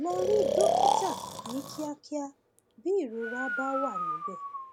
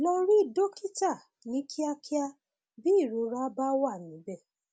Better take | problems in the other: second | background sound (Breathing); 2 dB above the speech

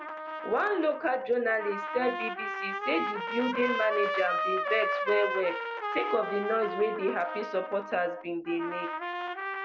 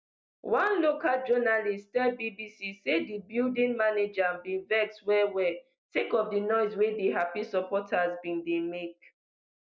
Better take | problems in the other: second | background sound (Trumpet); 3 dB below the speech

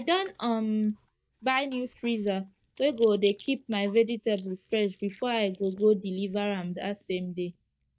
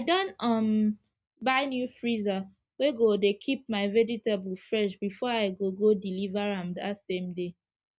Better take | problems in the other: second | noise reduction (neural mask model DeepFilterNet 3)

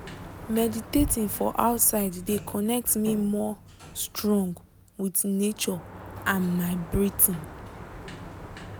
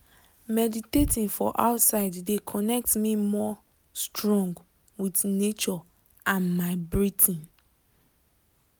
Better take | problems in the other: second | background sound (Sliding door); 15 dB below the speech

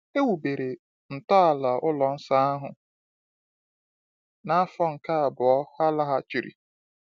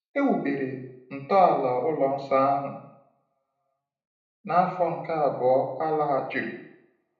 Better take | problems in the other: first | room echo; dies away in 0.7 s

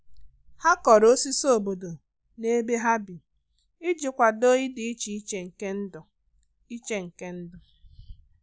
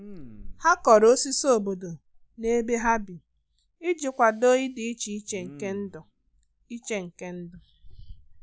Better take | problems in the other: first | background sound (Respiratory sounds); 19 dB below the speech

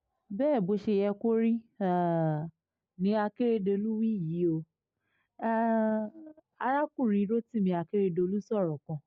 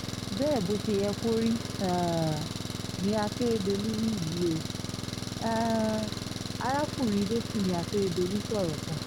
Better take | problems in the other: first | background sound (Engine); 5 dB below the speech

